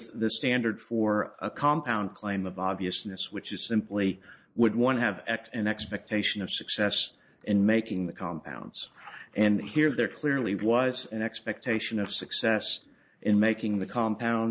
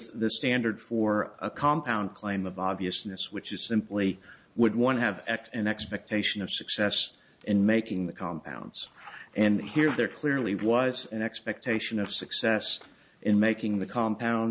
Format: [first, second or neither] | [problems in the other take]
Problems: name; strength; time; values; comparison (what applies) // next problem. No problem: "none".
second | noise reduction (neural mask model Resemble Enhance denoiser)